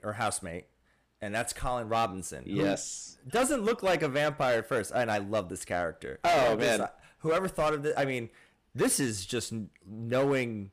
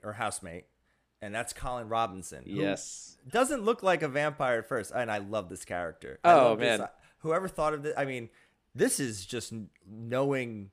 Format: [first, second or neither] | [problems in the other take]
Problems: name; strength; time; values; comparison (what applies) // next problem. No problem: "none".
second | distortion; heavy; 7% of the sound clipped